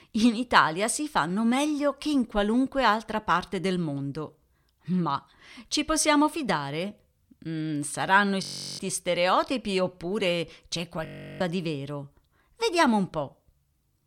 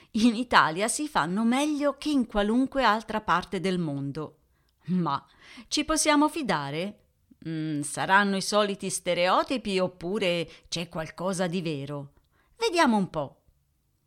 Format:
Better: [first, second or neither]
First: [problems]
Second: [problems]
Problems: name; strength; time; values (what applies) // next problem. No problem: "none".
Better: second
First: audio freezing; at 8.5 s and at 11 s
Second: none